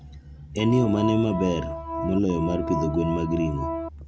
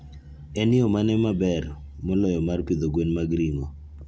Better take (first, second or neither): second